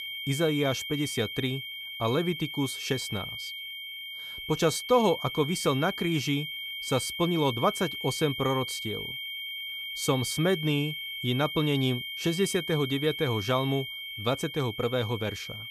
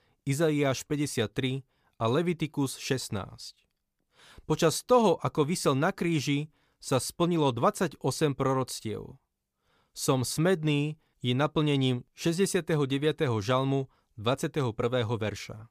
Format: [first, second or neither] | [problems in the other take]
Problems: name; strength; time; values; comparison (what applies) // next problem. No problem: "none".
second | high-pitched whine; loud; throughout; 3 kHz, 6 dB below the speech